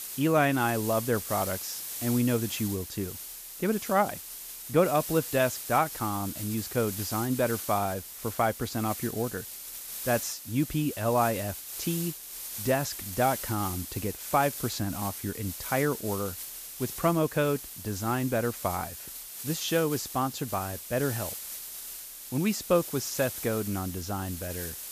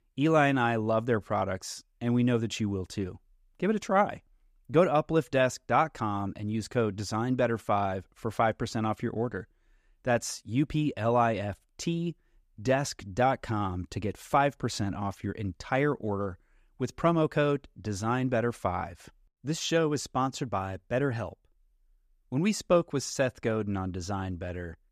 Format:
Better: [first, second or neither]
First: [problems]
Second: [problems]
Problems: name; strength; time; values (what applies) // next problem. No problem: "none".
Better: second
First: hiss; loud; throughout; 7 dB below the speech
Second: none